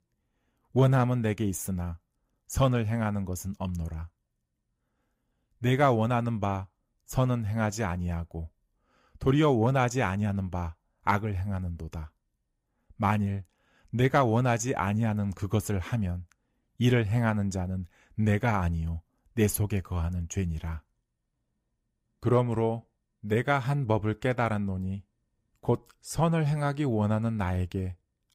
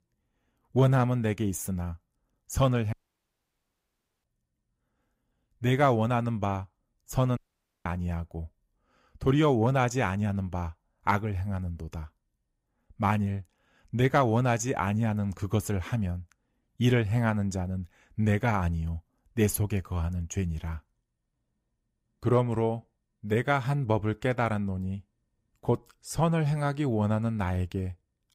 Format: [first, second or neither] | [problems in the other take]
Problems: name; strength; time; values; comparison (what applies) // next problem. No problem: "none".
first | audio cutting out; at 3 s for 1.5 s and at 7.5 s